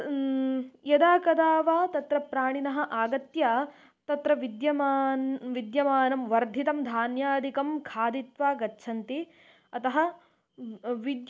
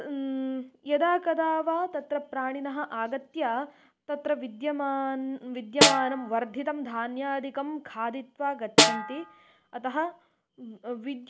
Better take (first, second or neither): first